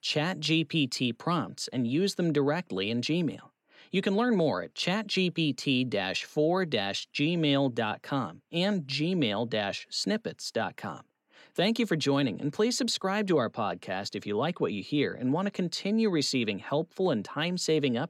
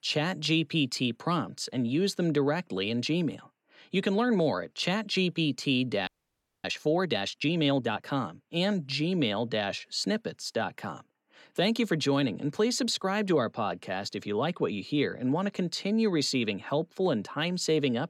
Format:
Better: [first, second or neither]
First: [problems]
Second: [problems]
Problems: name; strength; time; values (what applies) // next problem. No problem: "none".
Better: first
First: none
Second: audio freezing; at 6 s for 0.5 s